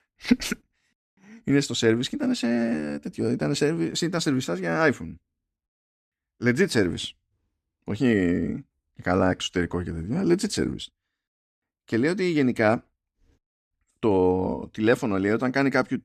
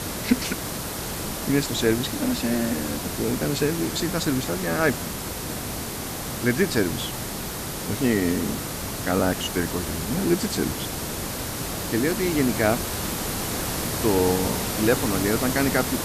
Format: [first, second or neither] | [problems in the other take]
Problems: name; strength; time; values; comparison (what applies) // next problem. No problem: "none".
first | hiss; loud; throughout; 3 dB below the speech